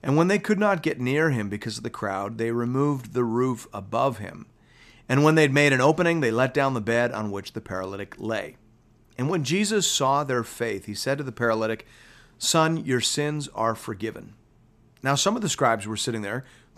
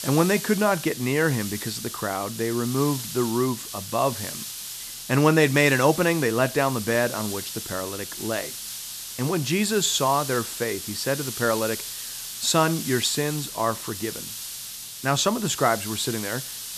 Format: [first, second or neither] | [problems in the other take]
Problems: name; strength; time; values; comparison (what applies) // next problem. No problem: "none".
first | hiss; loud; throughout; 8 dB below the speech